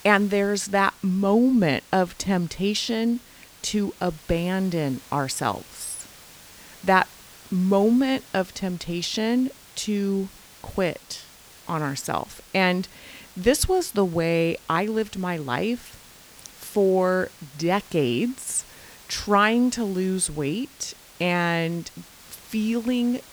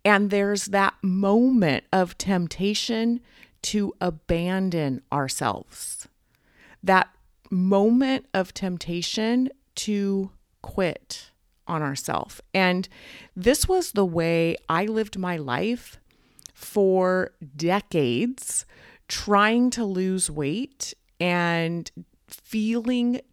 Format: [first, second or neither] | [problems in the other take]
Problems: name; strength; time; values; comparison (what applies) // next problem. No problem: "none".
second | hiss; faint; throughout; 20 dB below the speech